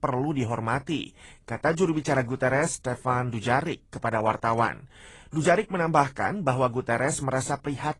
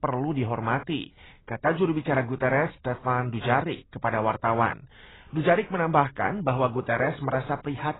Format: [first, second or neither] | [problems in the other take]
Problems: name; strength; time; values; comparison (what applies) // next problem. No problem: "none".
first | garbled, watery; badly; nothing above 4 kHz; slightly in the first